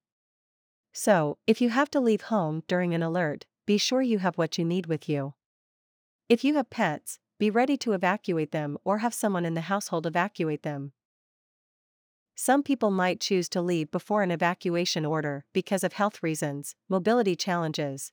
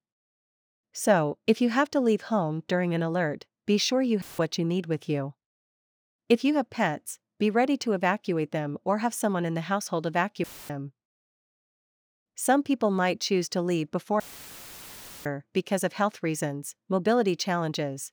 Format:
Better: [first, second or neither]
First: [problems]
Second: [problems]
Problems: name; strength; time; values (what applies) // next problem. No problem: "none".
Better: first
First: none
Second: audio cutting out; filled with static; at 4 s, at 10 s and at 14 s for 1 s